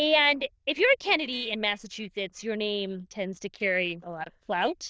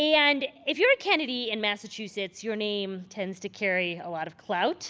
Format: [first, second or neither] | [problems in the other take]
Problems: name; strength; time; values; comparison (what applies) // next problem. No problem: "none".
second | noise reduction (neural diffusion model UNIVERSE++)